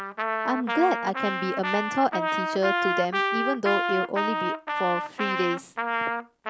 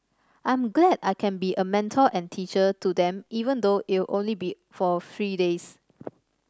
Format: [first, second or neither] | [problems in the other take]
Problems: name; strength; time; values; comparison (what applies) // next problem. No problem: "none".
second | background sound (Trumpet); as loud as the speech